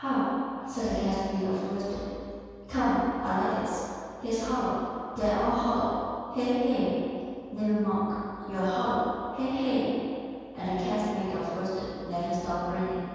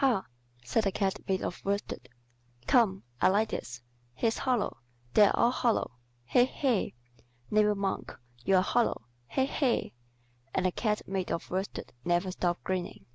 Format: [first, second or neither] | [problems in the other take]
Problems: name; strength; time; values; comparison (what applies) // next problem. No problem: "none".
second | room echo; dies away in 2.1 s